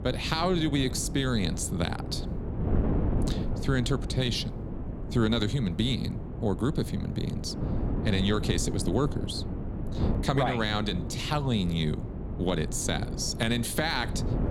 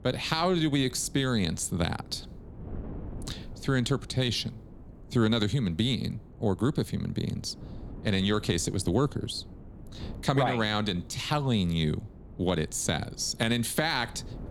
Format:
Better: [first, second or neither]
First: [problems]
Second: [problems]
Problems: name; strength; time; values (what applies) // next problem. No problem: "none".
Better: second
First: wind noise on the microphone; heavy; 10 dB below the speech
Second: wind noise on the microphone; occasional gusts; 25 dB below the speech